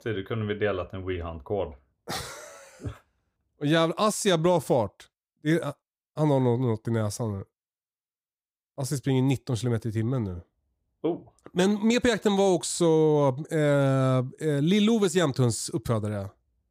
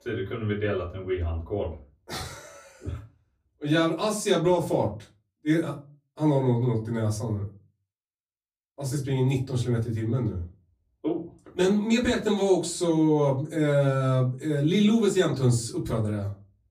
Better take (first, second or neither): first